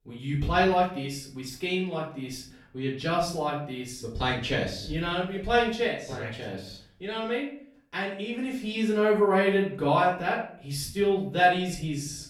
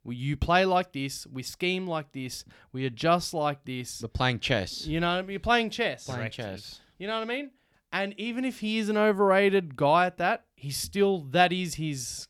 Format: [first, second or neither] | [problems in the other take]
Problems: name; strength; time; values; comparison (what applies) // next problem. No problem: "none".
second | off-mic speech; far // room echo; slight; dies away in 0.4 s